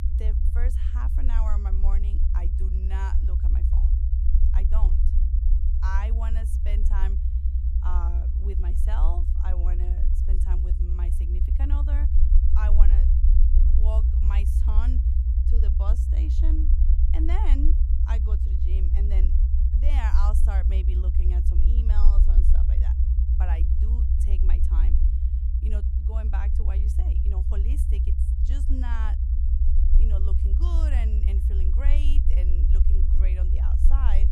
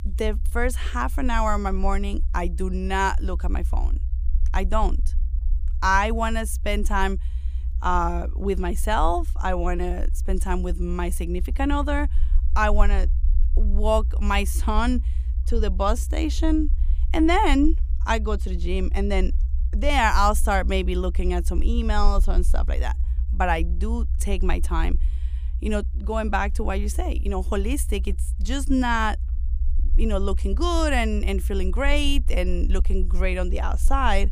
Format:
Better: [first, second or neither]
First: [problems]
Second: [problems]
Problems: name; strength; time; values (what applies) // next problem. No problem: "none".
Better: second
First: low rumble; loud; throughout; 2 dB below the speech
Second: low rumble; faint; throughout; 25 dB below the speech